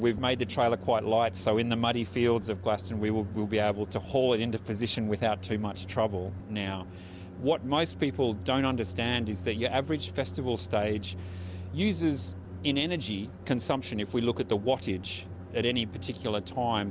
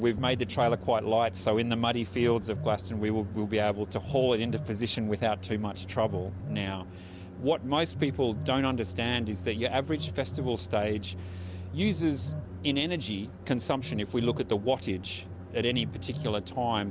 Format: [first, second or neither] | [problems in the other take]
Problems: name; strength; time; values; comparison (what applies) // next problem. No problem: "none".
first | background sound (Telephone); 13 dB below the speech